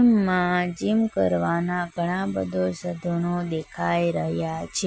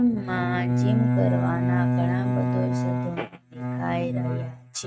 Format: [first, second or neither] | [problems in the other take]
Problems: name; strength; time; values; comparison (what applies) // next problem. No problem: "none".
first | noise reduction (neural mask model RNNoise)